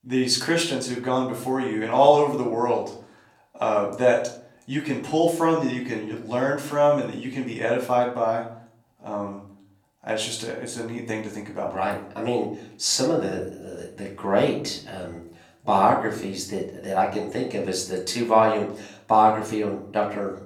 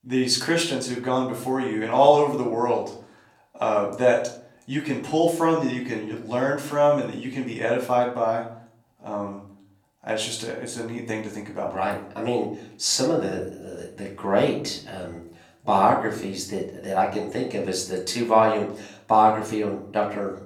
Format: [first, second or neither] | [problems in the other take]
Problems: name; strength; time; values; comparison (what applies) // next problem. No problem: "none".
neither | off-mic speech; far; the same in both // room echo; slight; dies away in 0.5 s; the same in both